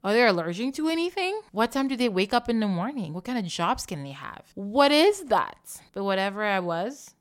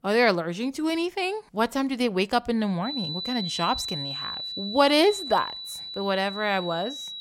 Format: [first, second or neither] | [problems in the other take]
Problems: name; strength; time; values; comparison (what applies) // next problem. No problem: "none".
first | high-pitched whine; loud; from 3 s on; 4 kHz, 6 dB below the speech